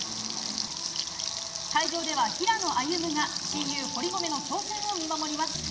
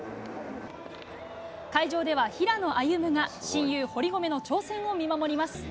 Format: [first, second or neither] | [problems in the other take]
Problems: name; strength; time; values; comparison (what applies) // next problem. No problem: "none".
second | background sound (Frying (food)); 2 dB below the speech // room echo; dies away in 2.1 s